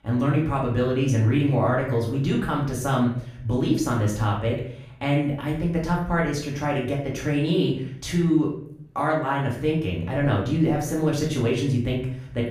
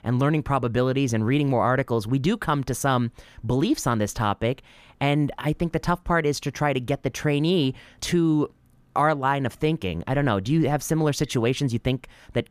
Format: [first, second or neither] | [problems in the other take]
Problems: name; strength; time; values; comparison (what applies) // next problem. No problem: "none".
second | off-mic speech; far // room echo; noticeable; dies away in 0.6 s